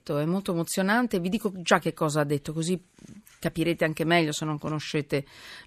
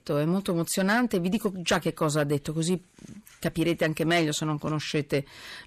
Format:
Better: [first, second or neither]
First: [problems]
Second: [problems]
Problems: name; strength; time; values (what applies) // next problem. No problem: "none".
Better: first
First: none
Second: distortion; slight; 10 dB below the speech